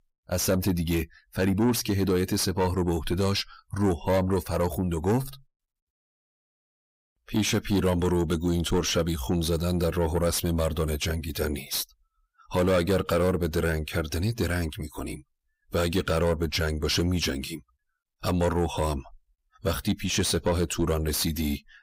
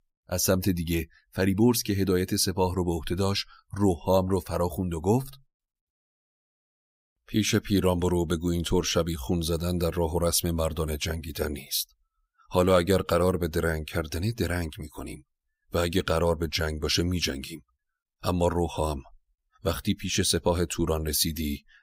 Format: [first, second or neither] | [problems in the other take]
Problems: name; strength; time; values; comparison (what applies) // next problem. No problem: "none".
second | distortion; slight; 10 dB below the speech